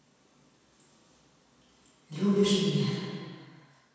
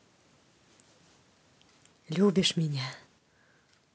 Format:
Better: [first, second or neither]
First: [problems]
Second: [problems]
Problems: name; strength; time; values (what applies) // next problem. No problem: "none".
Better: second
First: room echo; dies away in 2.1 s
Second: none